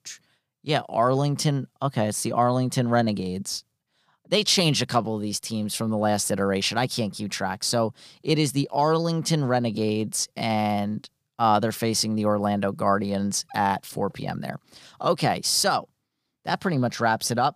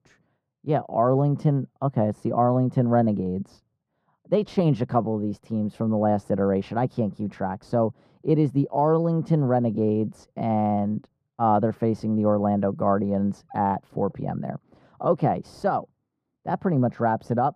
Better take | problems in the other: first | muffled; very; fading above 2 kHz

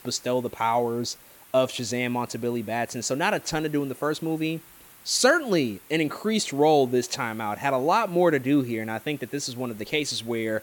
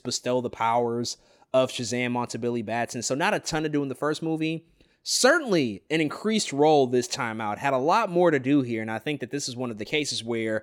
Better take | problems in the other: second | hiss; faint; throughout; 25 dB below the speech

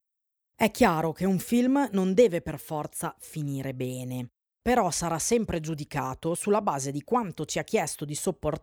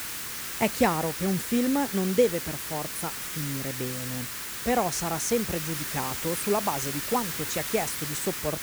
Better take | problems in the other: first | hiss; loud; throughout; 3 dB below the speech

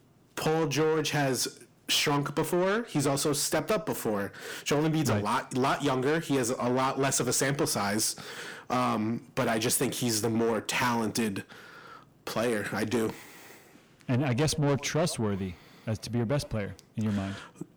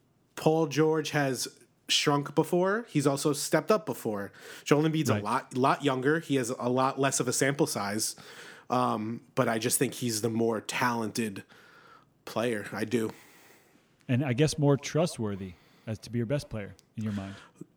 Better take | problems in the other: second | distortion; heavy; 7 dB below the speech

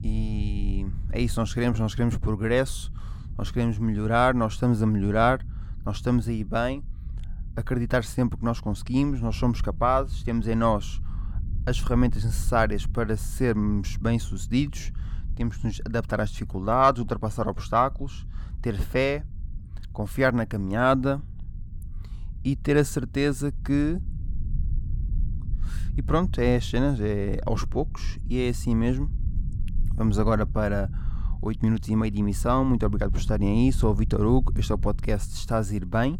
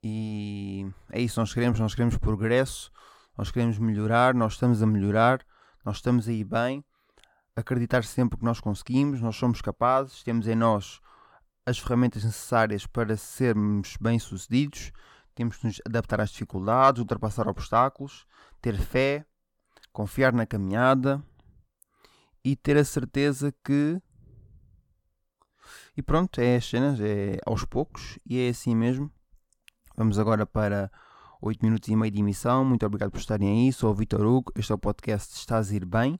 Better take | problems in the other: second | low rumble; faint; throughout; 25 dB below the speech

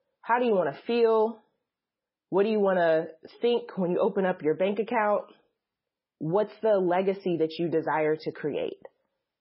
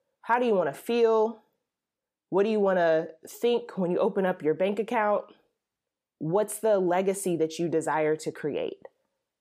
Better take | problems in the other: second | garbled, watery; badly; nothing above 5.5 kHz

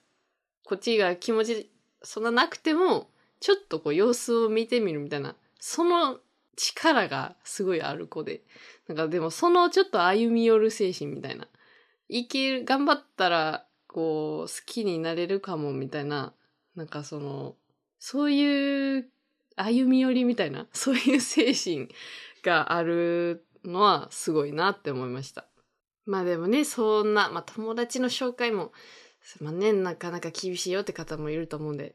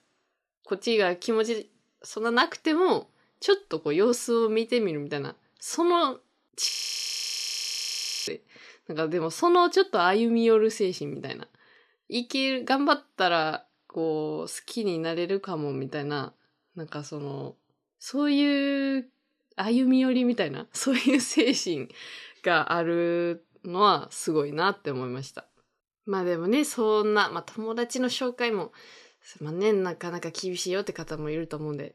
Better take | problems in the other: first | audio freezing; at 6.5 s for 1.5 s

